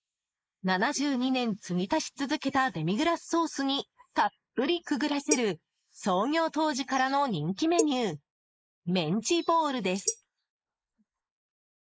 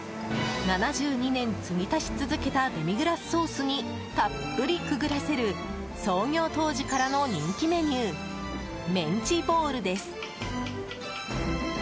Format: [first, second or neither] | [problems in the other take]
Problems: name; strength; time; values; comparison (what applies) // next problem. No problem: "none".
second | noise reduction (neural mask model Resemble Enhance denoiser)